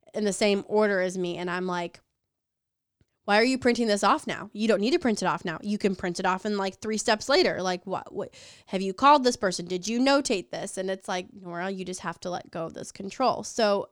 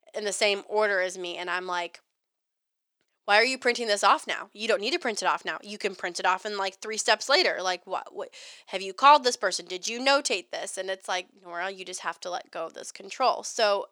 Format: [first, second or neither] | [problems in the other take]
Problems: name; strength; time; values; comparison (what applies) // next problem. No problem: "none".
first | thin; somewhat; fading below 550 Hz